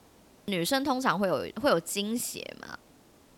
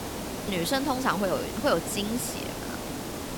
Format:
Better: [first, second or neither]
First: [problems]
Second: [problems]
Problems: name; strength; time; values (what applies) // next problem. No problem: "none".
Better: first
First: hiss; faint; throughout; 30 dB below the speech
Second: hiss; loud; throughout; 6 dB below the speech